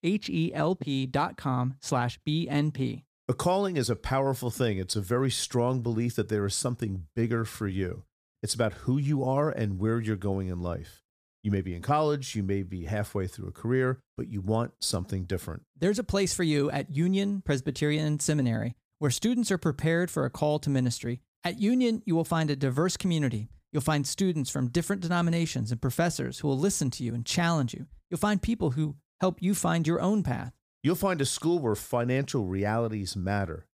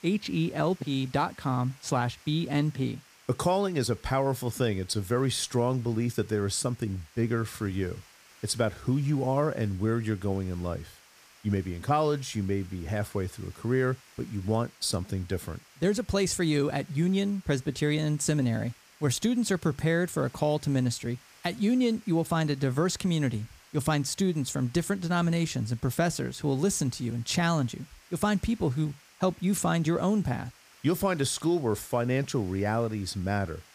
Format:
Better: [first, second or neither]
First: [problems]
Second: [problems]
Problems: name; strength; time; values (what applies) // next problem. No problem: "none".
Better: first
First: none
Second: hiss; faint; throughout; 25 dB below the speech